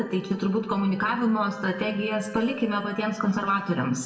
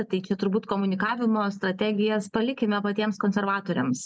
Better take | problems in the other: second | background sound (Wind instrument, woodwind instrument); 17 dB below the speech // room echo; dies away in 1 s

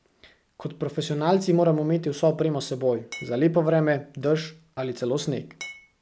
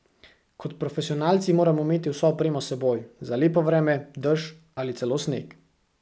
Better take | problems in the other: second | background sound (Glass); 15 dB below the speech

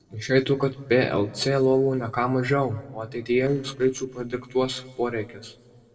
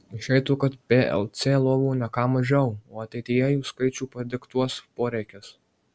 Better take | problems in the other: second | noise reduction (neural separator model SepFormer DNS4)

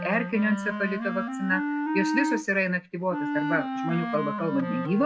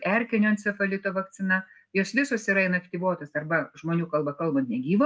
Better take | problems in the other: second | background sound (Wind instrument, woodwind instrument); 3 dB below the speech

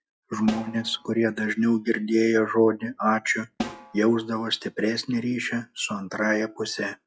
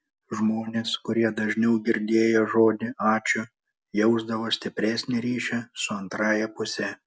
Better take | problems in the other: second | noise reduction (classical method log-MMSE)

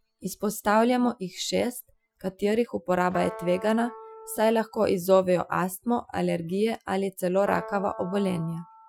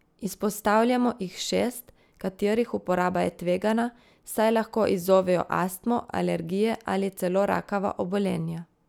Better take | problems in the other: second | noise reduction (classical method Wiener filter)

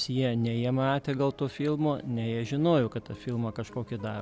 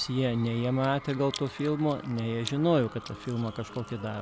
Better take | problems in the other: first | background sound (Crowd / Cheering + Chewing, mastication); 17 dB below the speech

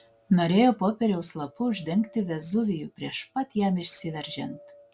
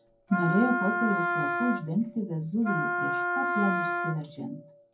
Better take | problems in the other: first | background sound (Wind instrument, woodwind instrument); as loud as the speech // room echo; dies away in 0.4 s

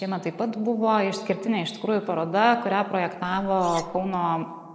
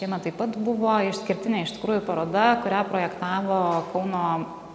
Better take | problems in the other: second | noise reduction (neural mask model Resemble Enhance denoiser)

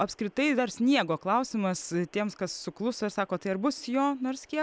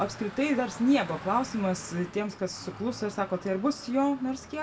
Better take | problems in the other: first | background sound (Traffic noise, roadway noise); 16 dB below the speech // room echo; dies away in 0.2 s

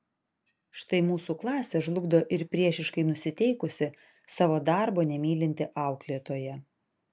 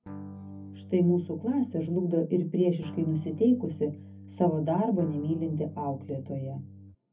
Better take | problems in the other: first | background sound (Electric guitar / Strum); 15 dB below the speech // room echo; dies away in 0.3 s

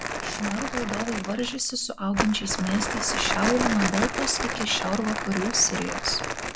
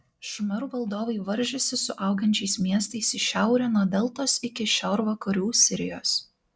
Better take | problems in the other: second | background sound (Crumpling, crinkling); 2 dB below the speech

